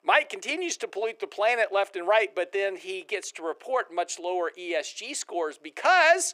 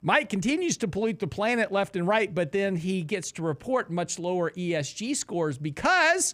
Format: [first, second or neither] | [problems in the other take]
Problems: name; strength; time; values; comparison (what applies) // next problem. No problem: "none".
second | thin; very; fading below 350 Hz